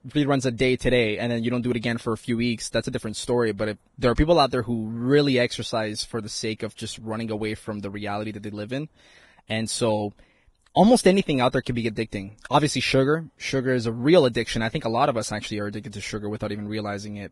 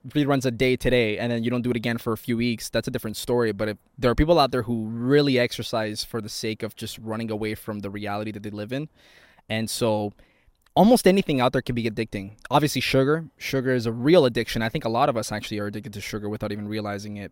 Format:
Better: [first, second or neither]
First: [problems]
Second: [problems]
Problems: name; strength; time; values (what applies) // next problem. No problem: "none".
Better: second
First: garbled, watery; badly; nothing above 10.5 kHz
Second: none